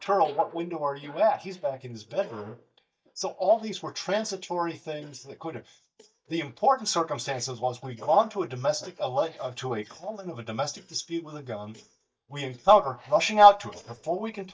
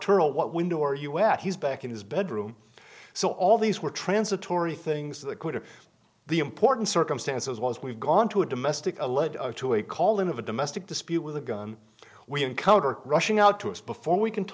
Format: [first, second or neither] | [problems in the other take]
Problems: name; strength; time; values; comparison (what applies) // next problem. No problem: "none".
second | noise reduction (neural mask model DeepFilterNet 3)